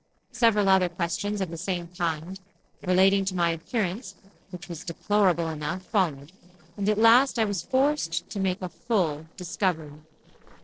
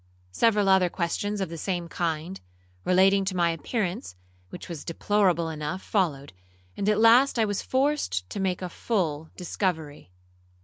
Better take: second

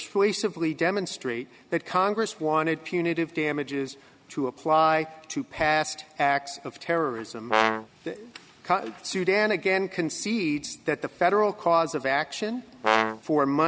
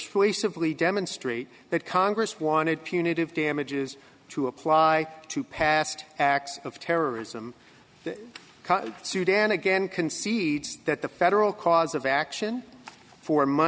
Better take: second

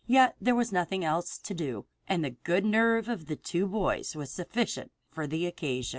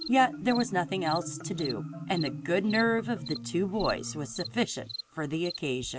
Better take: first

